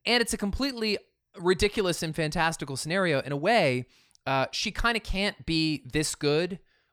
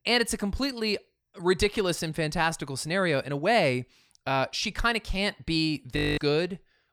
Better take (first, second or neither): first